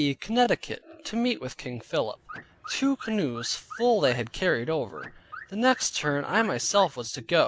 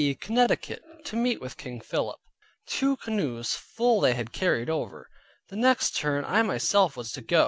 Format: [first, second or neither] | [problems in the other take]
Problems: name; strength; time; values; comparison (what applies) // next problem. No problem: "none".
second | background sound (Alarm / Car); 17 dB below the speech